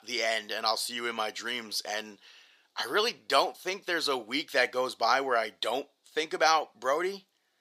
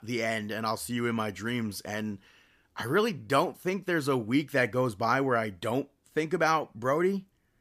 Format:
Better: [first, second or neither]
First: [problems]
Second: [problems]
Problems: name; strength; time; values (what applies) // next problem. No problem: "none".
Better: second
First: thin; somewhat; fading below 500 Hz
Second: none